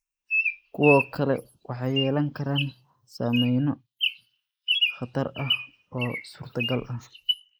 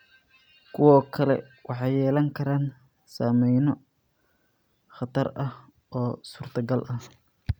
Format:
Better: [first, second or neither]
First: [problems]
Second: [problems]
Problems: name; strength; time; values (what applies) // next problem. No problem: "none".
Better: second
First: noise reduction (neural mask model Resemble Enhance denoiser)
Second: none